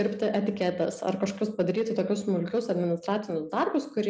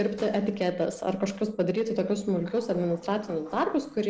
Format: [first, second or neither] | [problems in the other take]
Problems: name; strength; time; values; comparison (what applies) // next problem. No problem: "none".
first | noise reduction (neural separator model SepFormer DNS4)